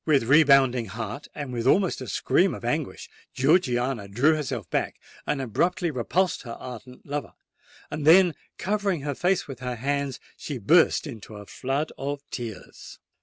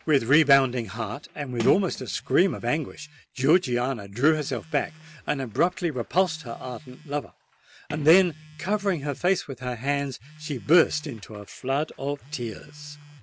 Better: first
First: none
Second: background sound (Telephone + Sliding door); 20 dB below the speech

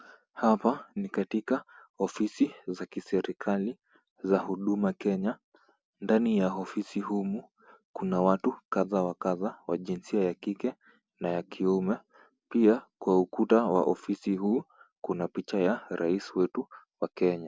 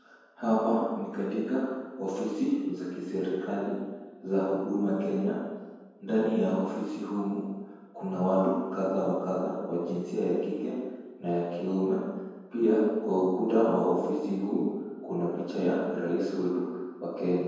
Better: first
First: none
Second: room echo; dies away in 1.2 s

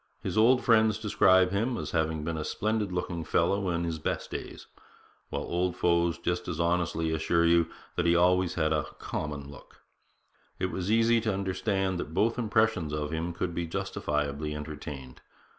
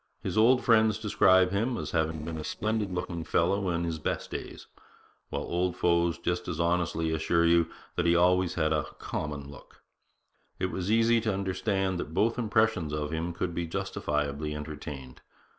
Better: first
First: none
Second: noise reduction (neural separator model SepFormer DNS4)

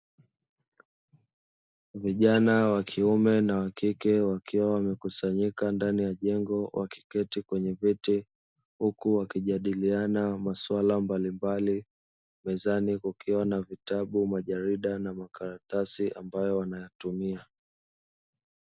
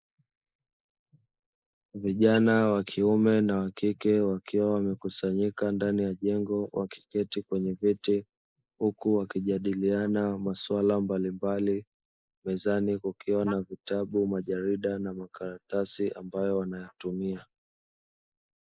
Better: first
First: none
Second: noise reduction (neural mask model Resemble Enhance denoiser)

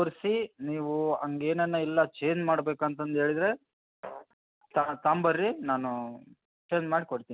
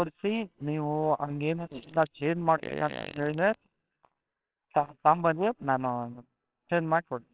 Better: first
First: none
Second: noise reduction (neural separator model SepFormer WHAMR!)

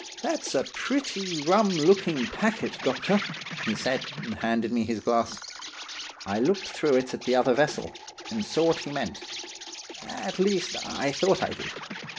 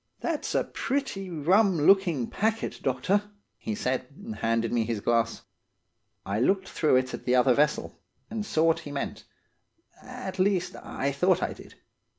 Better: second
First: background sound (Insect); 11 dB below the speech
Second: none

